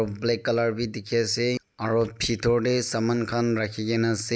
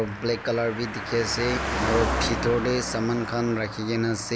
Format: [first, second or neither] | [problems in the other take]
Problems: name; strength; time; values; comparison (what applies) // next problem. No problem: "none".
first | background sound (Car passing by); 4 dB below the speech